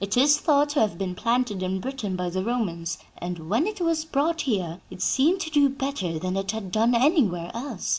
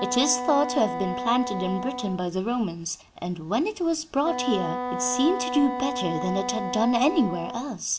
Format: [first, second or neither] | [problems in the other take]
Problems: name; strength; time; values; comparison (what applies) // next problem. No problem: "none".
first | background sound (Wind instrument, woodwind instrument); 6 dB below the speech